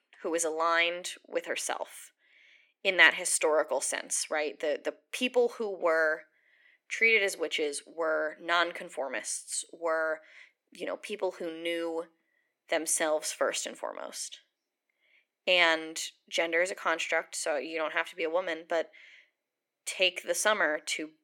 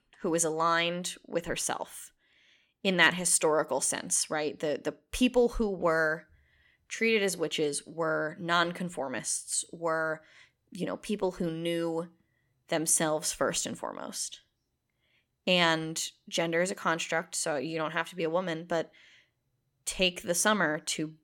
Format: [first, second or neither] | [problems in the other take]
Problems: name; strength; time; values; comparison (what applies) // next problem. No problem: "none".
second | thin; somewhat; fading below 300 Hz